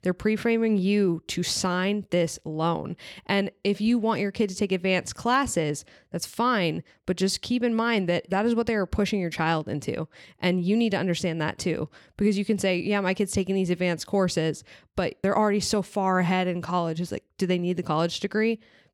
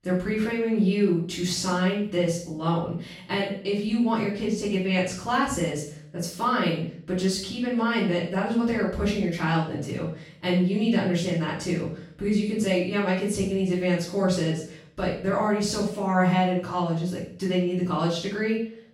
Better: first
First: none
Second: room echo; noticeable; dies away in 0.5 s // off-mic speech; far

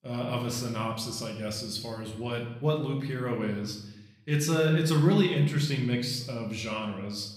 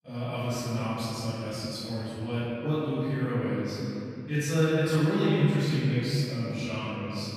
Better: first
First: room echo; slight; dies away in 0.7 s // off-mic speech; somewhat distant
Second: room echo; strong; dies away in 2.9 s // off-mic speech; far

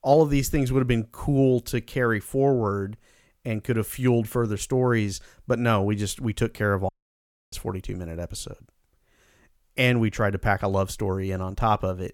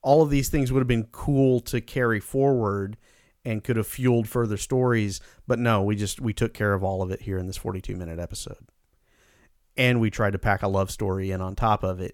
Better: second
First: audio cutting out; at 7 s for 0.5 s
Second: none

